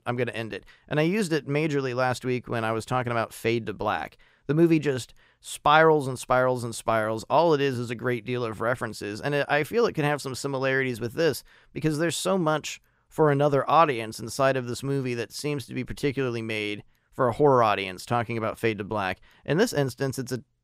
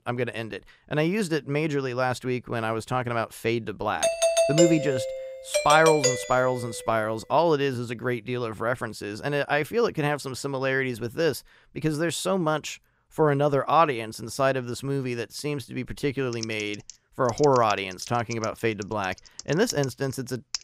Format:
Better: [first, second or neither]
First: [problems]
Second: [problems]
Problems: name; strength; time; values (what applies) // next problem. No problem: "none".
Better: first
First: none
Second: doorbell; loud; from 4 to 6 s; peak 4 dB above the speech // keyboard typing; noticeable; from 16 s on; peak 8 dB below the speech